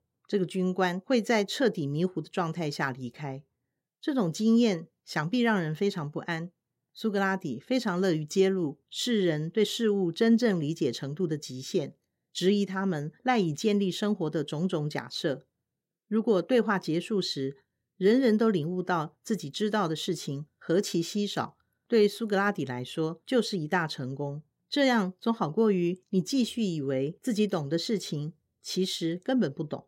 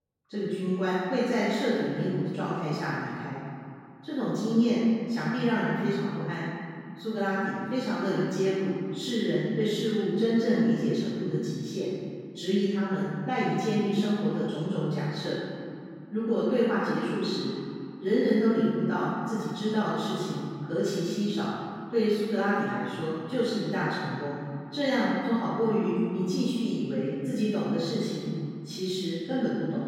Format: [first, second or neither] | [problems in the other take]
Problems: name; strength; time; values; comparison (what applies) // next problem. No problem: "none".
first | off-mic speech; far // room echo; strong; dies away in 2.3 s